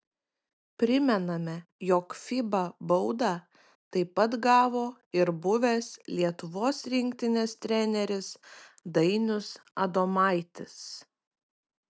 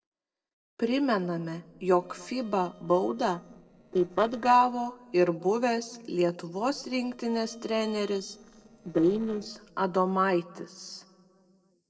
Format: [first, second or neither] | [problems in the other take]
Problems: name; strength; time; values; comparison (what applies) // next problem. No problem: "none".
first | noise reduction (neural separator model SepFormer DNS4)